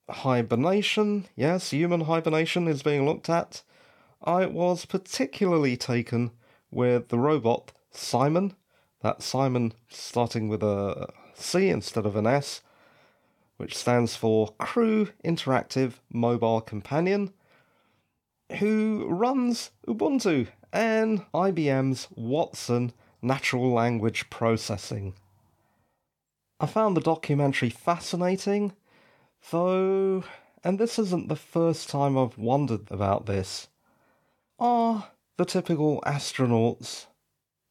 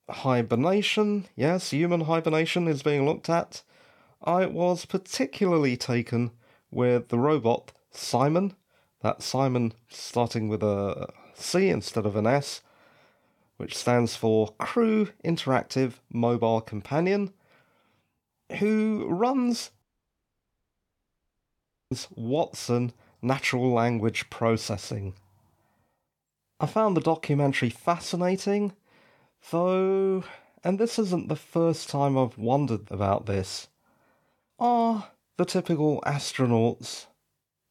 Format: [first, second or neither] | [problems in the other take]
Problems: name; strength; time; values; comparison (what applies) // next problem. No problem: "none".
first | audio cutting out; at 20 s for 2 s